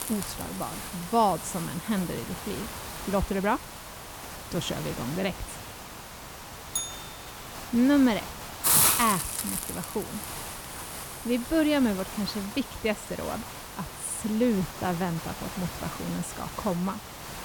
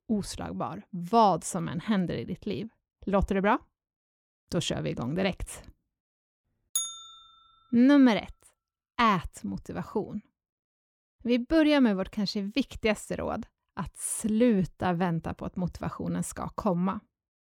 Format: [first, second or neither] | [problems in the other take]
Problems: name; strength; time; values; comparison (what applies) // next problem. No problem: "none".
second | hiss; loud; throughout; 3 dB below the speech